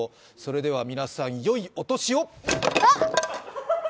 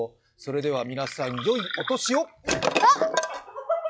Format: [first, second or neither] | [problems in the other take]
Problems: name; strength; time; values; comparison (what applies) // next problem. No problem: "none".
first | noise reduction (classical method log-MMSE)